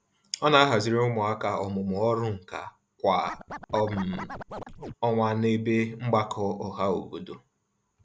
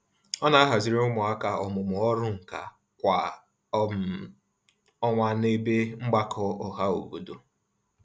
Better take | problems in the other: second | background sound (Scratching (performance technique)); 12 dB below the speech

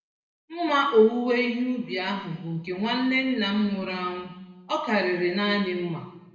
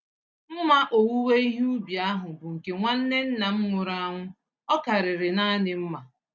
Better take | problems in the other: second | room echo; dies away in 1 s

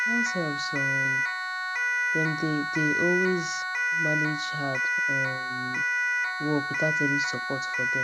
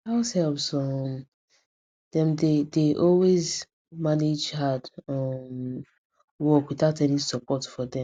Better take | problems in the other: second | background sound (Siren); 4 dB above the speech

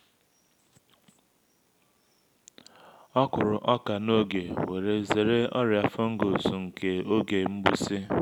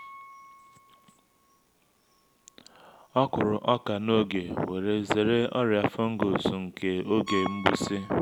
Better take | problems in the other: first | background sound (Piano); 18 dB below the speech

